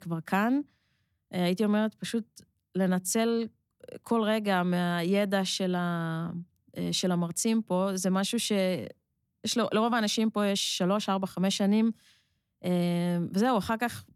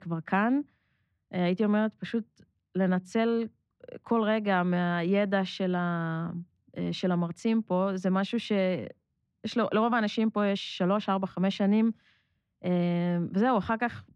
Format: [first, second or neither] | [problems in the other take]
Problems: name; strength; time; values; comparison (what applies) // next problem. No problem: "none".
first | muffled; slightly; fading above 2 kHz